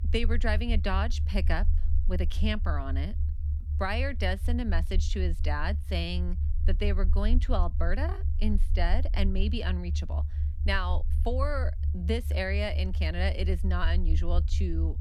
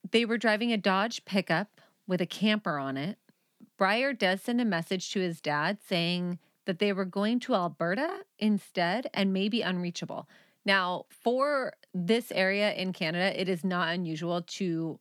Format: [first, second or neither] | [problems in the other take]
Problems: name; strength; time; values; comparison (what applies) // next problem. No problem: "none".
second | low rumble; noticeable; throughout; 15 dB below the speech